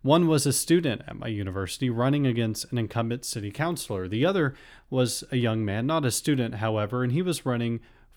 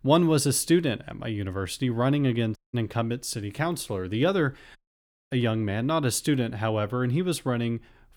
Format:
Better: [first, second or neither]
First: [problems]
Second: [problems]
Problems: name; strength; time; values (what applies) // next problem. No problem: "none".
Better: first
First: none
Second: audio cutting out; at 2.5 s and at 5 s for 0.5 s